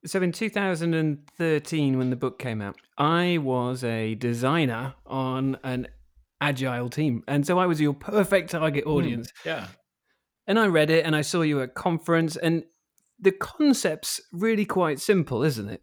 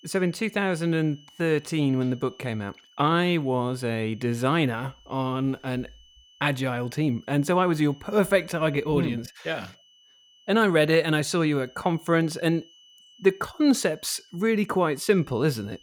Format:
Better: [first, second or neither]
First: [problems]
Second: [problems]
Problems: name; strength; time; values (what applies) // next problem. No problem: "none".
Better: first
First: none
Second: high-pitched whine; faint; throughout; 3 kHz, 30 dB below the speech